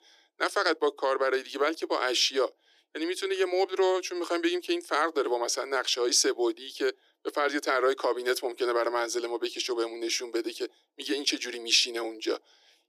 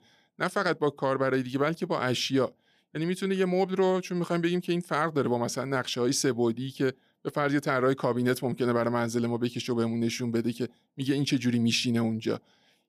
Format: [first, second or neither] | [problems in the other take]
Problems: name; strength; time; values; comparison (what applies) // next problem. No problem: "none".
second | thin; very; fading below 300 Hz